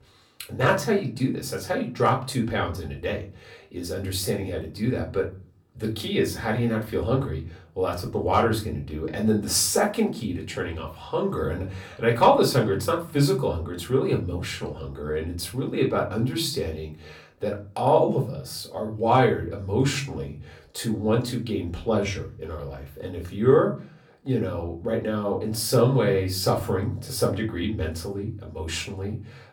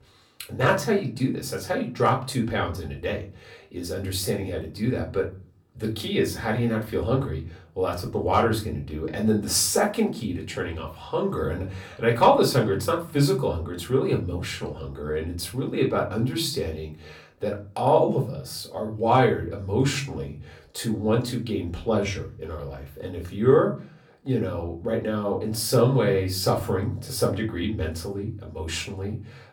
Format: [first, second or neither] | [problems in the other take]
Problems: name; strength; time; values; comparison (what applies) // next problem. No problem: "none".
neither | off-mic speech; somewhat distant; the same in both // room echo; very slight; dies away in 0.3 s; the same in both